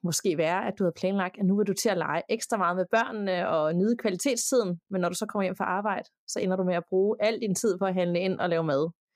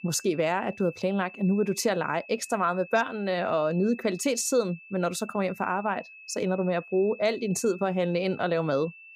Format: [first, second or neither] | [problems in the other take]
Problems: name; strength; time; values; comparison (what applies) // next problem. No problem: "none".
first | high-pitched whine; noticeable; throughout; 2.5 kHz, 20 dB below the speech